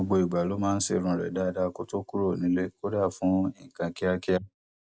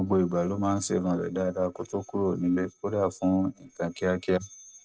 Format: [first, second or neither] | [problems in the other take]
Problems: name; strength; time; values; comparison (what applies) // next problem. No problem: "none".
first | noise reduction (neural separator model SepFormer DNS4)